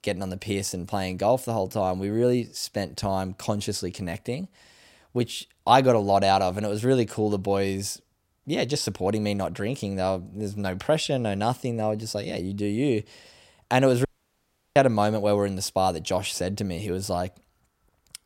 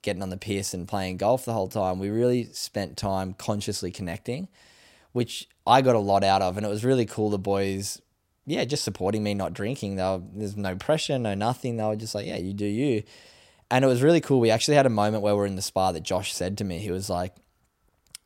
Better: second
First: audio cutting out; at 14 s for 0.5 s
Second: none

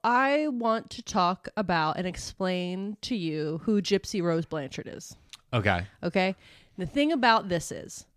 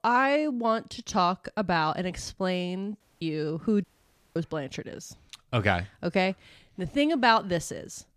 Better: first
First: none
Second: audio cutting out; at 3 s and at 4 s for 0.5 s

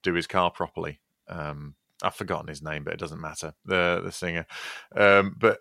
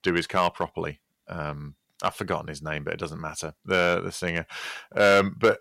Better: first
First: none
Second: distortion; slight; 1.2% of the sound clipped

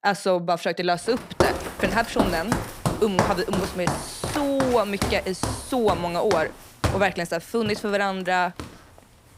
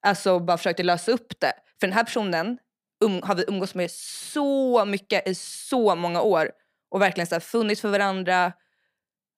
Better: second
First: footsteps; loud; from 1 to 8.5 s; peak 1 dB above the speech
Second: none

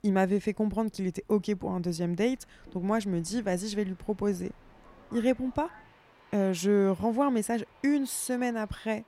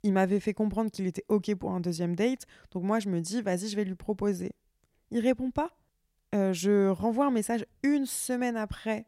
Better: second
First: train or aircraft noise; faint; throughout; 25 dB below the speech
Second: none

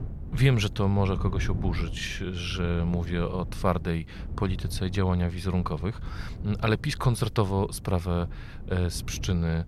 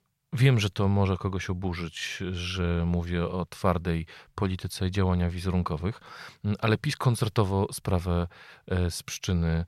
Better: second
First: wind noise on the microphone; occasional gusts; 15 dB below the speech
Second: none

